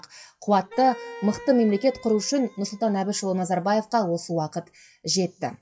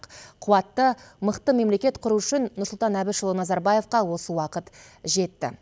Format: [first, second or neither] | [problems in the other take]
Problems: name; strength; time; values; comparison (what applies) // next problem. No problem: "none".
second | noise reduction (classical method WPE with log-MMSE)